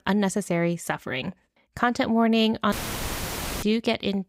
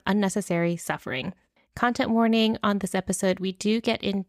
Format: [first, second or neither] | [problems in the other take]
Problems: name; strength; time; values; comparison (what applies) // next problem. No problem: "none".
second | audio cutting out; filled with static; at 2.5 s for 1 s